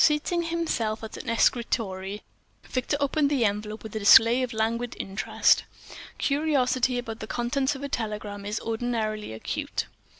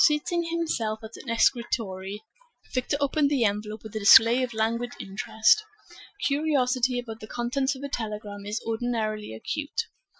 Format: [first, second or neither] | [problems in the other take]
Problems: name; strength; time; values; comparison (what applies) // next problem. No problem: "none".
first | noise reduction (classical method Wiener filter)